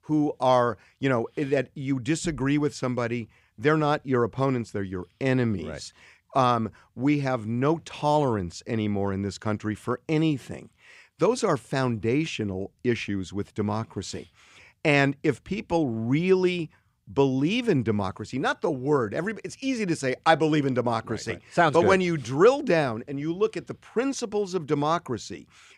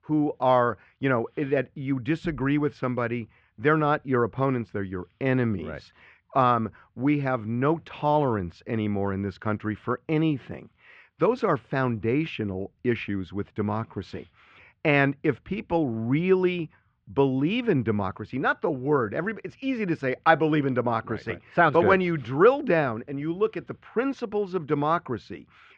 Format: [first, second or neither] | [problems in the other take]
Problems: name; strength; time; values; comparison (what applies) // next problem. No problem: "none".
first | muffled; very; fading above 3 kHz